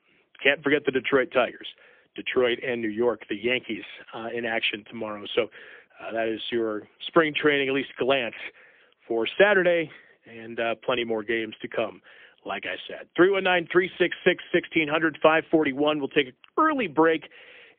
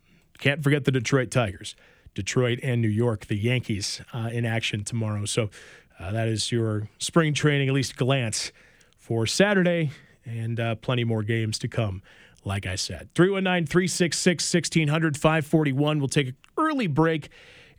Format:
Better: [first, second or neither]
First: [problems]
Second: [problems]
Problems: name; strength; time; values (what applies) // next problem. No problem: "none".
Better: second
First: phone-call audio; poor line; nothing above 3.5 kHz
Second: none